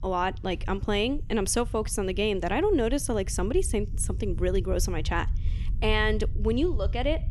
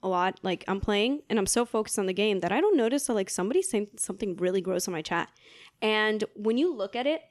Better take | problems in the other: second | low rumble; faint; throughout; 20 dB below the speech

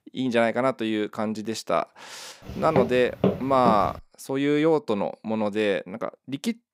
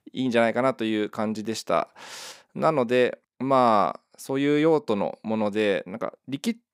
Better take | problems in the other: second | footsteps; noticeable; from 2.5 to 4 s; peak 1 dB below the speech

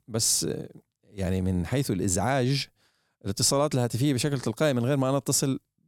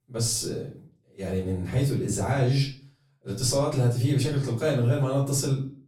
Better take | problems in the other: first | off-mic speech; far // room echo; slight; dies away in 0.4 s

